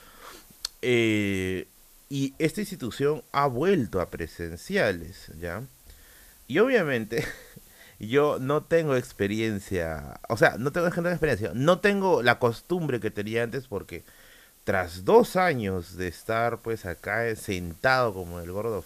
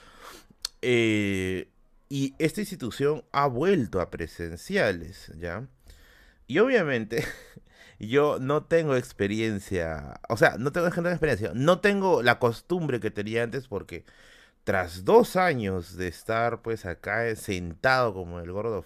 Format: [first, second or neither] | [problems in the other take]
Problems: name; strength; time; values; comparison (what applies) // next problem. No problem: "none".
second | hiss; faint; throughout; 25 dB below the speech